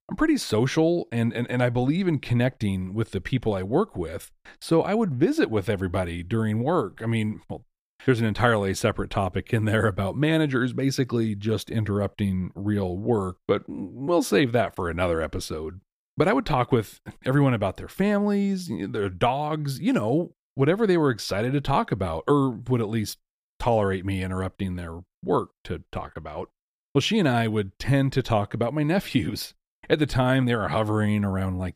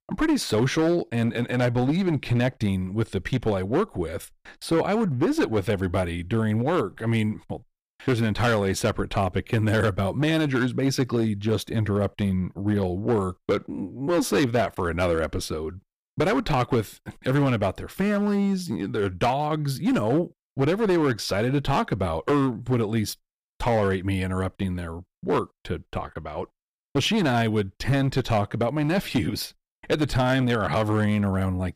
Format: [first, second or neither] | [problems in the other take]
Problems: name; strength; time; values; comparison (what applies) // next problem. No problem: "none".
first | distortion; slight; 9% of the sound clipped